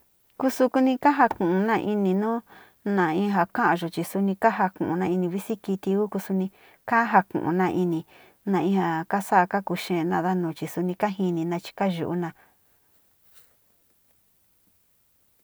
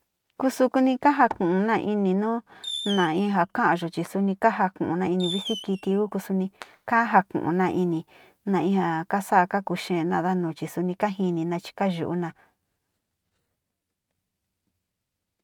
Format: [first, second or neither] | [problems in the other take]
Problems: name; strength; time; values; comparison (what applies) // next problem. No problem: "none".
first | noise reduction (neural mask model RNNoise)